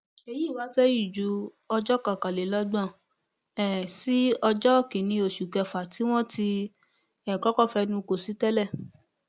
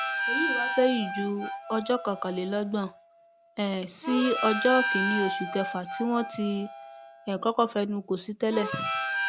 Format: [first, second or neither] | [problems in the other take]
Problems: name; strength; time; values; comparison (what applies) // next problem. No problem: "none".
first | background sound (Harmonica); 4 dB below the speech